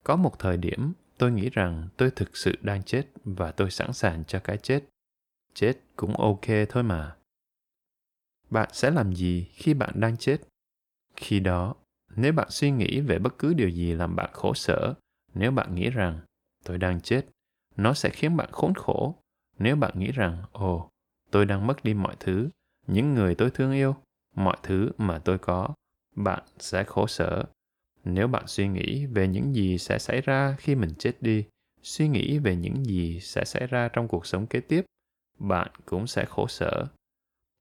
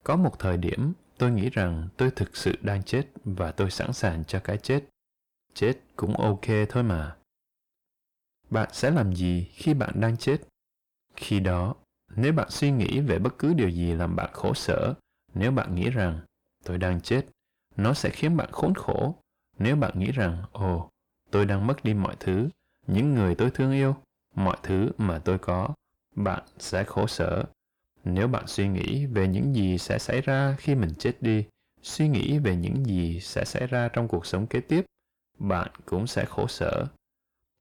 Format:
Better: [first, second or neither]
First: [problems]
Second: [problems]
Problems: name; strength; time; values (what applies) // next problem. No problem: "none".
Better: first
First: none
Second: distortion; slight; 10 dB below the speech